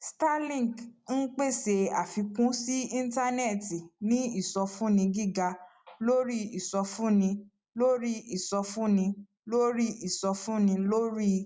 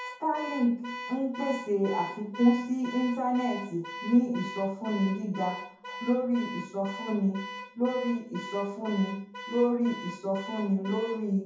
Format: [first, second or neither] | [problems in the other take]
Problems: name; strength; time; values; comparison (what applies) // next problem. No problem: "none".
first | background sound (Alarm / Car); 12 dB below the speech // room echo; dies away in 0.6 s